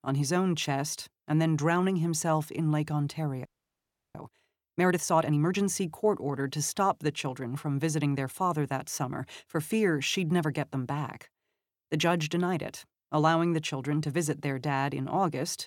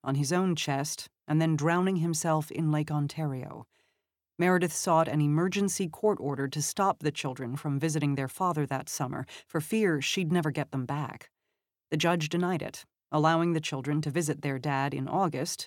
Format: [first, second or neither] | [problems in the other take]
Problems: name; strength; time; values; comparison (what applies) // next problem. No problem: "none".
second | audio freezing; at 3.5 s for 0.5 s